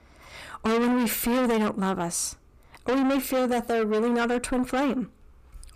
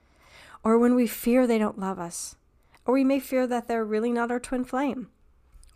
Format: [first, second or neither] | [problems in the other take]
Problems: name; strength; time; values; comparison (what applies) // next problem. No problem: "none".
second | distortion; heavy; 5 dB below the speech